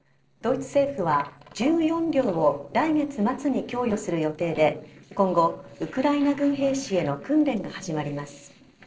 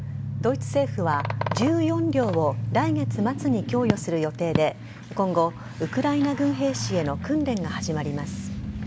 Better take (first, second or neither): second